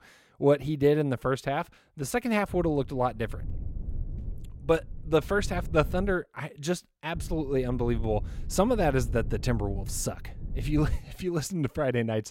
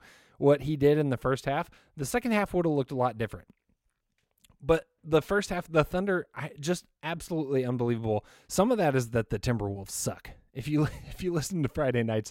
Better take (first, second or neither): second